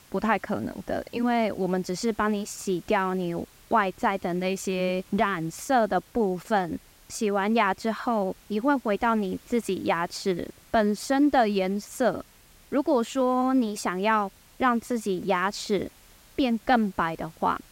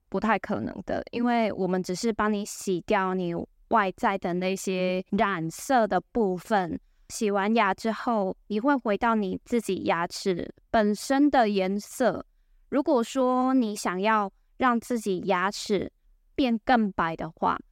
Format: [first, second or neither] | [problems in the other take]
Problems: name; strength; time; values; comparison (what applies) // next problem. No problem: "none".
second | hiss; faint; throughout; 25 dB below the speech